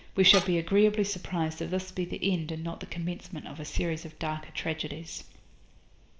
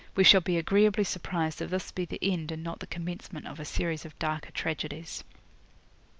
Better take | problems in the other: second | background sound (Tools); 13 dB below the speech // room echo; dies away in 0.6 s

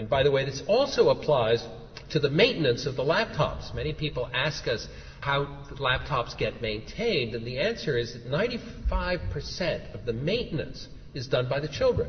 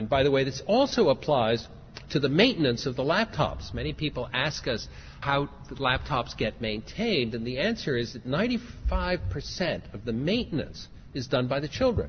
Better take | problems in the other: second | room echo; dies away in 2.2 s

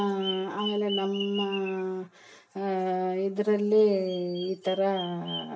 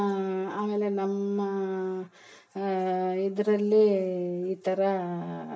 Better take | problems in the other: second | background sound (Bird vocalization, bird call, bird song); 13 dB below the speech

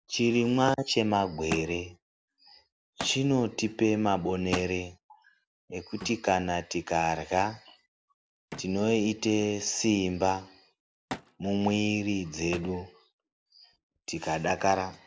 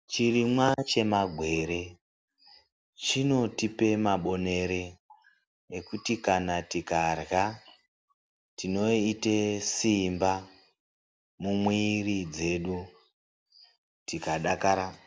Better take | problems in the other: second | background sound (Thump, thud); 17 dB below the speech

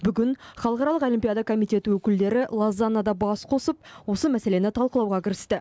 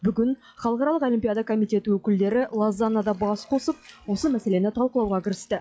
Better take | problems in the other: first | noise reduction (classical method log-MMSE)

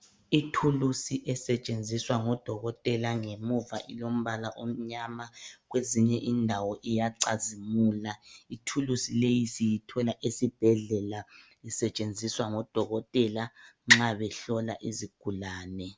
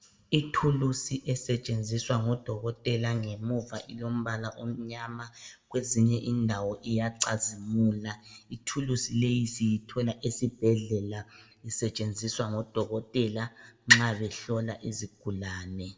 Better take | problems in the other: first | room echo; dies away in 0.8 s

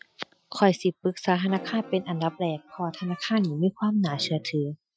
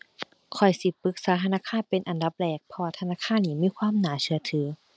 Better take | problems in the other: second | noise reduction (classical method Wiener filter)

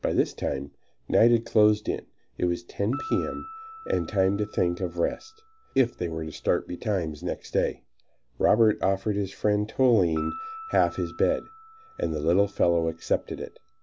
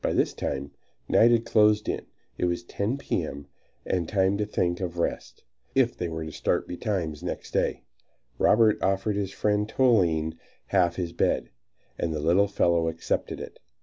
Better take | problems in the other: second | background sound (Piano); 19 dB below the speech

